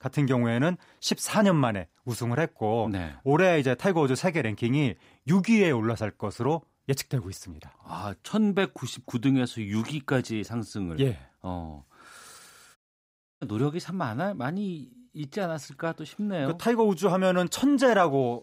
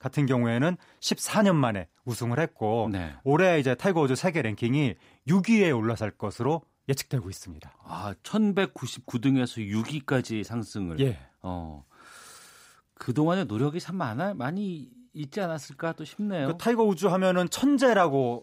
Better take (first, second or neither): second